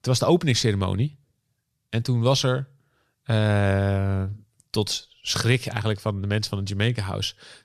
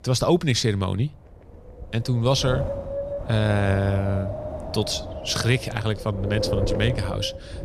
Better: first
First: none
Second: wind noise on the microphone; heavy; 5 dB below the speech

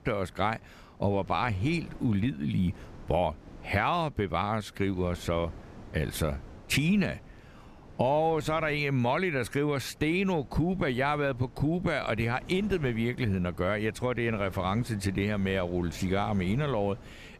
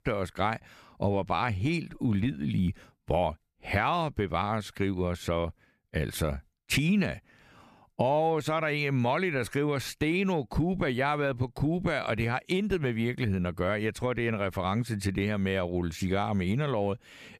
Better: second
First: wind noise on the microphone; occasional gusts; 25 dB below the speech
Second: none

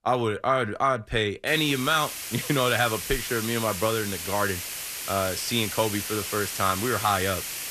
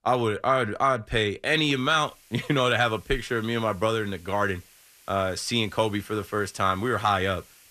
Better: second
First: hiss; loud; from 1.5 s on; 5 dB below the speech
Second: hiss; faint; from 1.5 s on; 25 dB below the speech

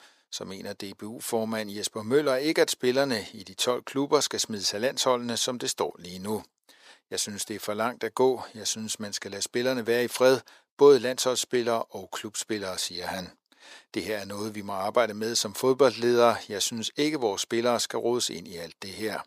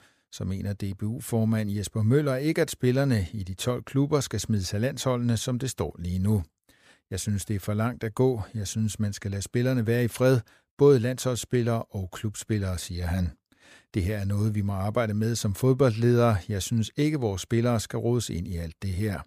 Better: second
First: thin; somewhat; fading below 400 Hz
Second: none

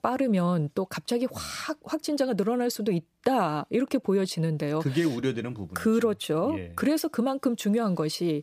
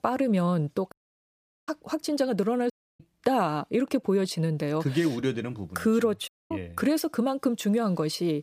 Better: first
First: none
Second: audio cutting out; at 1 s for 1 s, at 2.5 s and at 6.5 s

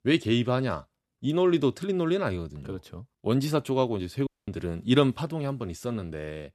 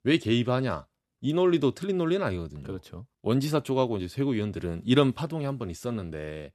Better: second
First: audio cutting out; at 4.5 s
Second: none

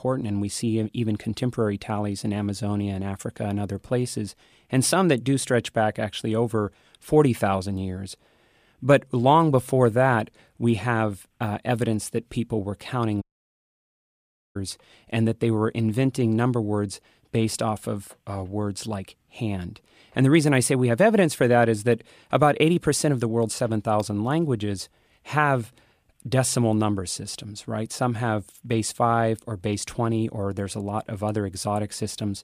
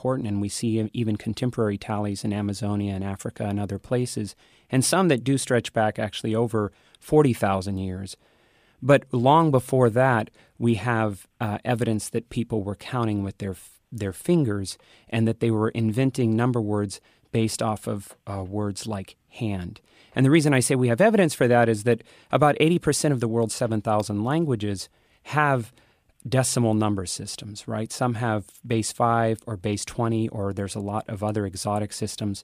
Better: second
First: audio cutting out; at 13 s for 1.5 s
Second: none

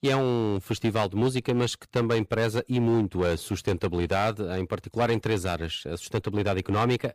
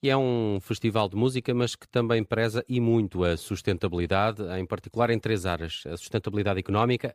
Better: second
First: distortion; slight; 7% of the sound clipped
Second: none

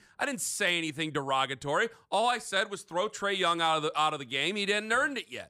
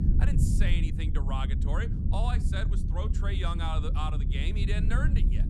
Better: first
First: none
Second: low rumble; loud; throughout; 6 dB below the speech

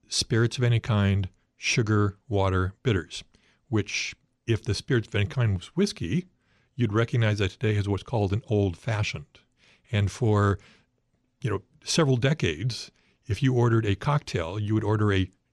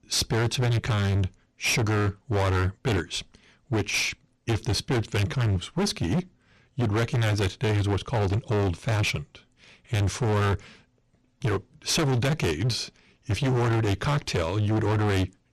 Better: first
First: none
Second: distortion; heavy; 26% of the sound clipped

